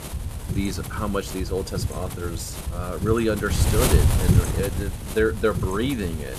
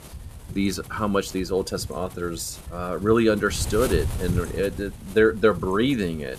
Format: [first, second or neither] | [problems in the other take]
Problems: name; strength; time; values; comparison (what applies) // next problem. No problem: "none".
second | wind noise on the microphone; heavy; 6 dB below the speech; occasional gusts in the second